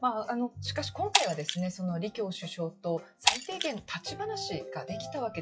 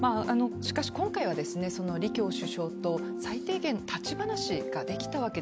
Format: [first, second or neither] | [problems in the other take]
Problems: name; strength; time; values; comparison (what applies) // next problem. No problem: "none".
second | noise reduction (classical method WPE with log-MMSE)